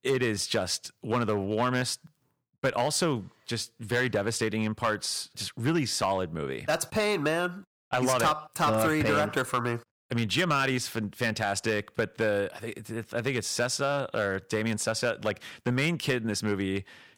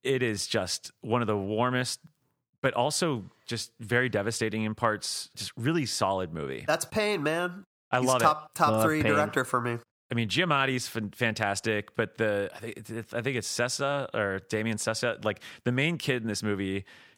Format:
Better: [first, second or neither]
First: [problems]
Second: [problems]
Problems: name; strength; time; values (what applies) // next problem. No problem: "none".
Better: second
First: distortion; slight; 3% of the sound clipped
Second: none